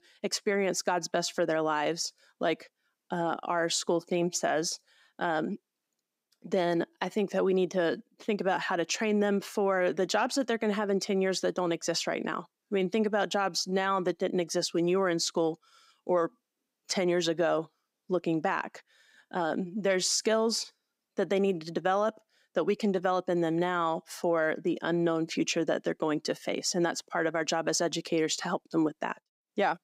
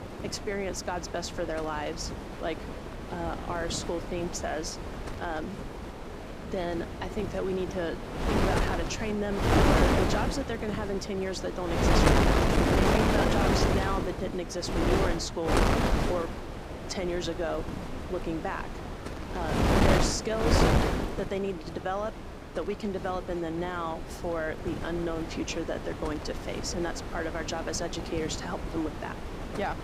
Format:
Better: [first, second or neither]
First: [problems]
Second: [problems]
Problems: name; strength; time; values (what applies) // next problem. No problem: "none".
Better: first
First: none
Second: wind noise on the microphone; heavy; 2 dB above the speech